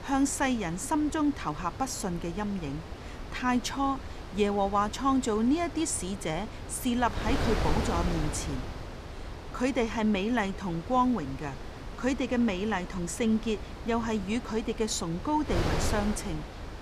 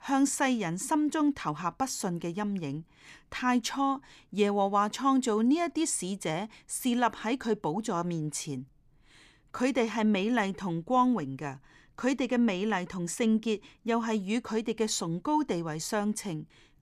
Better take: second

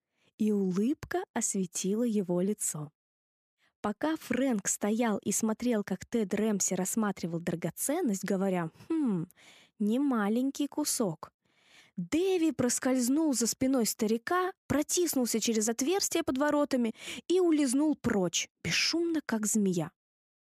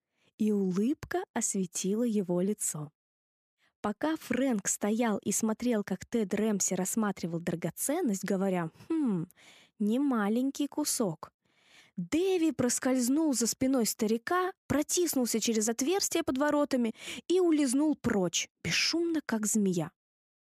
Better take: neither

